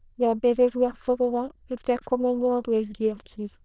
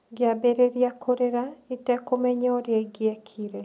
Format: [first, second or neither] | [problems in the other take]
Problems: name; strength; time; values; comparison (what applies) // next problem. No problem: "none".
second | noise reduction (neural diffusion model UNIVERSE++)